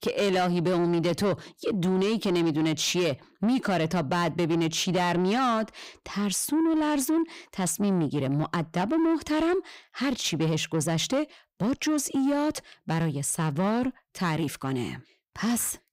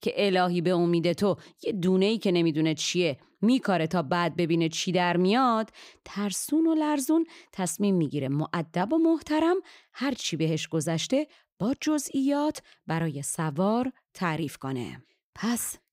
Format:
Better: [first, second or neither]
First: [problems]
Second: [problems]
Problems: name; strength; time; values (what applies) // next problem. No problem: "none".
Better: second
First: distortion; slight; 10 dB below the speech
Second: none